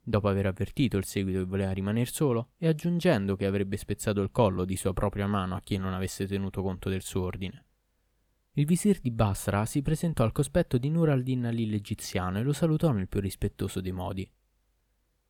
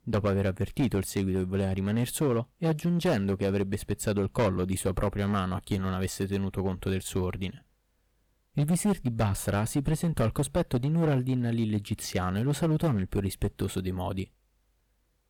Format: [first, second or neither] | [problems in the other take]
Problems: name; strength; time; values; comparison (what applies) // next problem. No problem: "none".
first | distortion; slight; 6% of the sound clipped